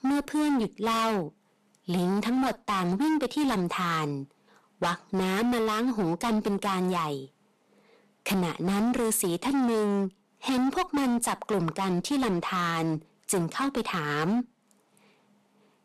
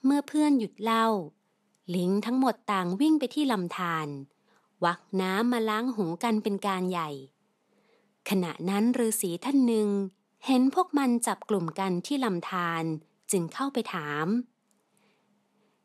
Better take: second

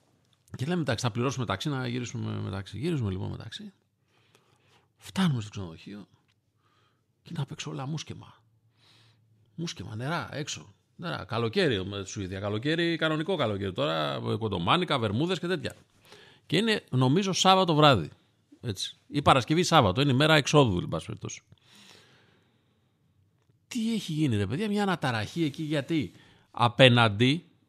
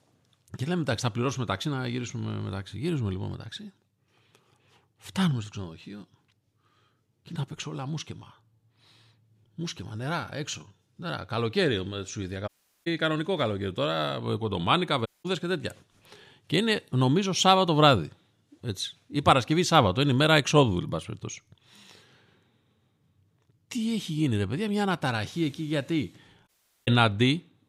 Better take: first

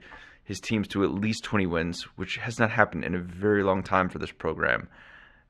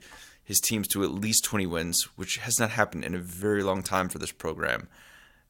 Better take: second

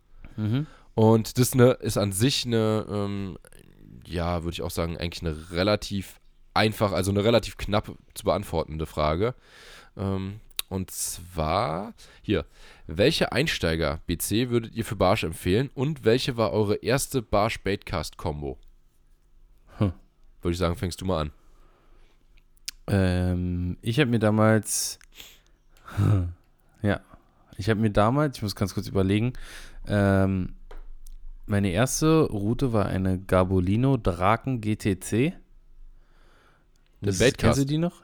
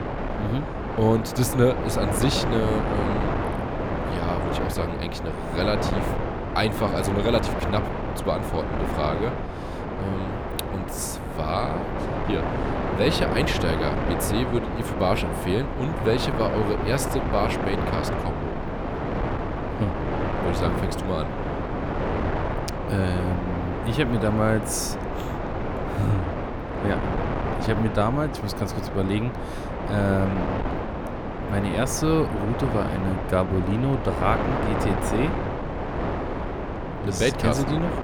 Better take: first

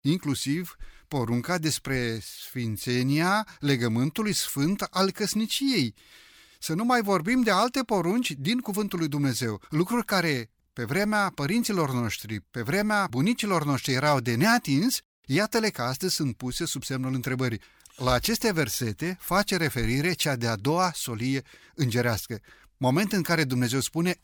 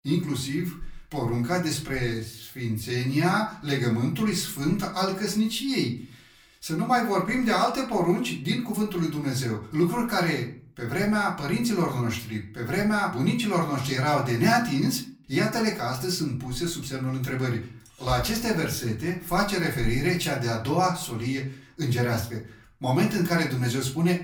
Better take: first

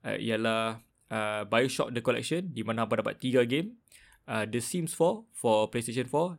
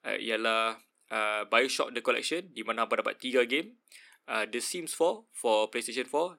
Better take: first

